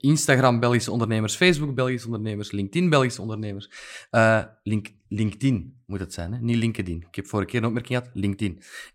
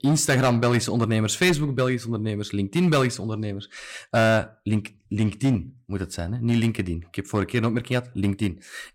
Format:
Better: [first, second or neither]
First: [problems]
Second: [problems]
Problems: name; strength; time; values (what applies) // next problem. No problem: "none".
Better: first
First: none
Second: distortion; slight; 6% of the sound clipped